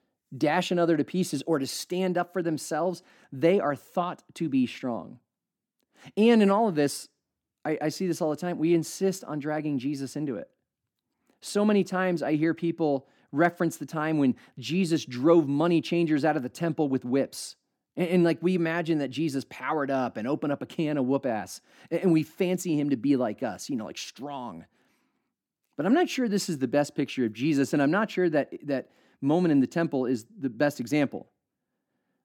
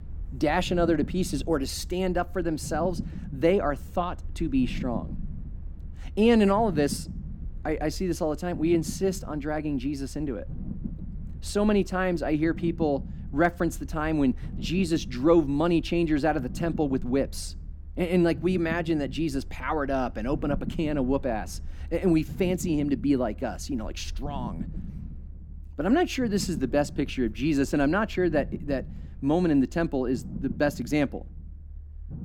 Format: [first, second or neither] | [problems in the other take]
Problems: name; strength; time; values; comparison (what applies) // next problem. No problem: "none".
first | low rumble; noticeable; throughout; 20 dB below the speech